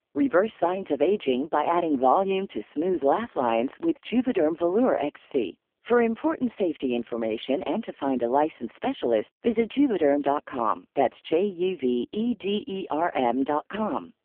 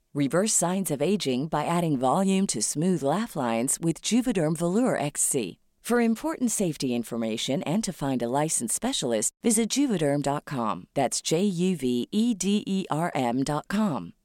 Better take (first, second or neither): second